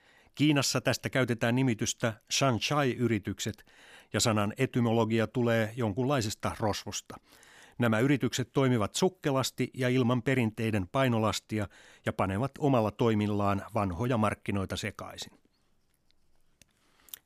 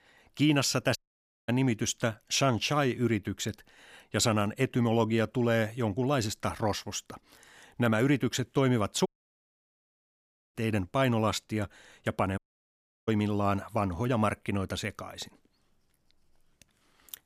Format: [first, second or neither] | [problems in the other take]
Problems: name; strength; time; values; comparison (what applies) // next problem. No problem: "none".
first | audio cutting out; at 1 s for 0.5 s, at 9 s for 1.5 s and at 12 s for 0.5 s